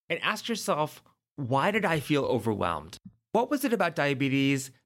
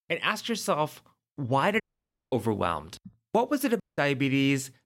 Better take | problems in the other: first | audio cutting out; at 2 s for 0.5 s and at 4 s

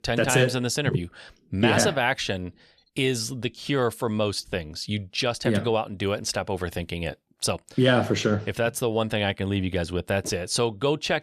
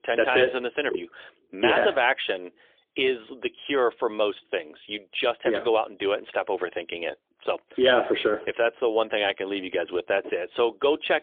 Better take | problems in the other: first | phone-call audio; poor line; nothing above 3.5 kHz

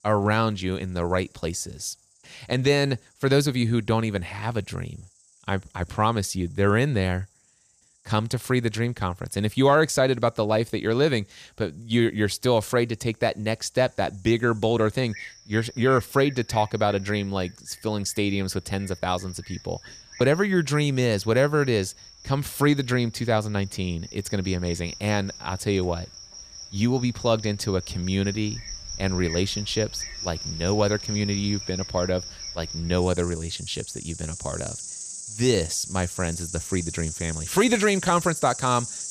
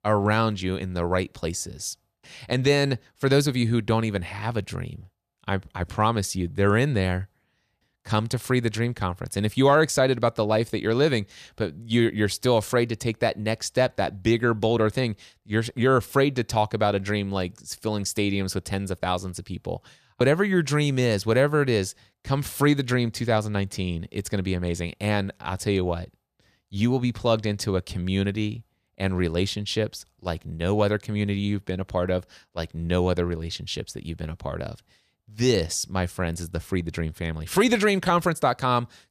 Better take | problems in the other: second | animal sounds; noticeable; throughout; 10 dB below the speech

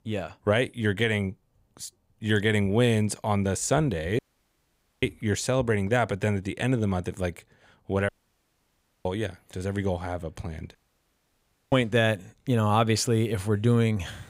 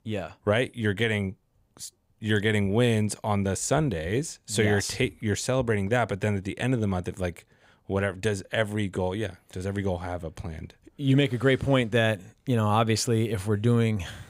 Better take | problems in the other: second | audio cutting out; at 4 s for 1 s, at 8 s for 1 s and at 11 s for 1 s

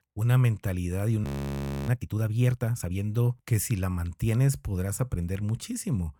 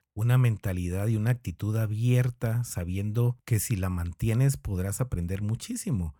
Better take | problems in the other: second | audio freezing; at 1 s for 0.5 s

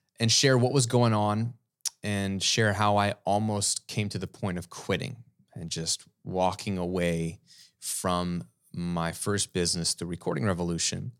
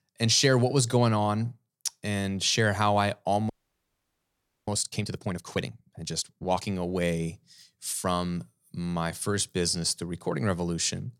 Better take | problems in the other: first | audio freezing; at 3.5 s for 1 s

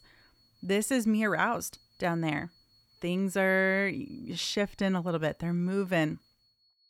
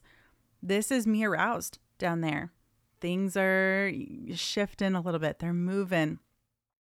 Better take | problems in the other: second | high-pitched whine; faint; throughout; 4.5 kHz, 35 dB below the speech

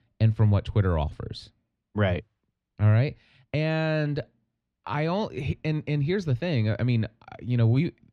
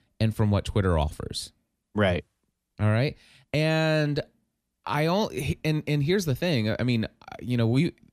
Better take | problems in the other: second | muffled; very slightly; fading above 3.5 kHz

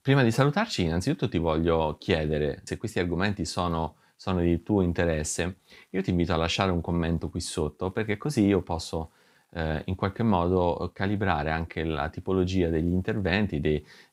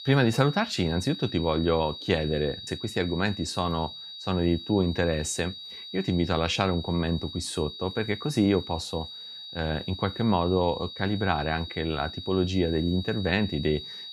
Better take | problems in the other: first | high-pitched whine; noticeable; throughout; 4 kHz, 10 dB below the speech

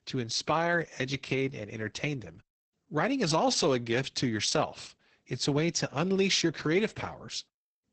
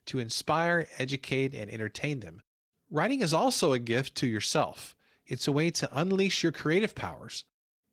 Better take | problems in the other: second | garbled, watery; badly; nothing above 8 kHz; slightly in the second

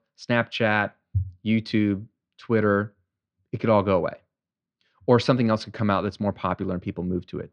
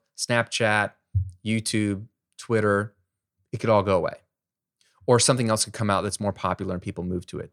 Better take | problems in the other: second | muffled; slightly; fading above 4 kHz

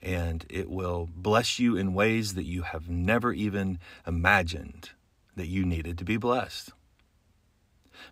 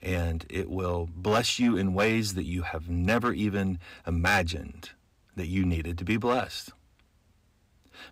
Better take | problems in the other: first | distortion; slight; 2% of the sound clipped

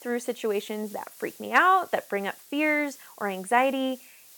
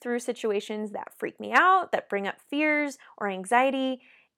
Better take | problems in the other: second | hiss; faint; throughout; 20 dB below the speech

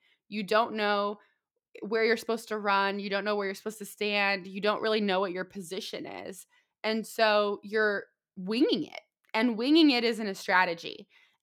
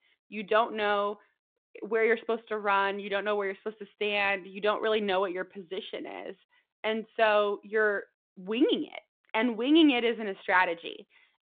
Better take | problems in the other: first | phone-call audio

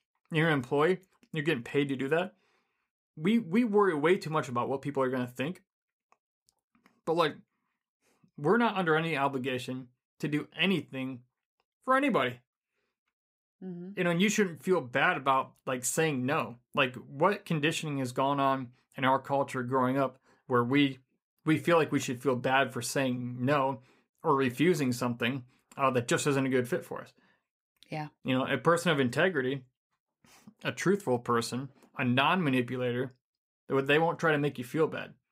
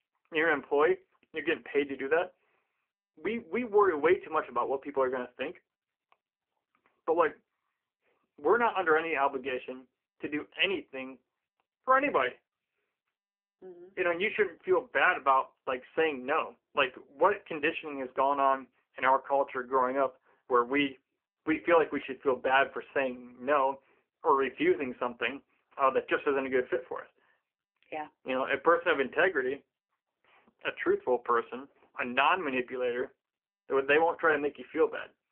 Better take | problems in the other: first | phone-call audio; poor line; nothing above 3 kHz

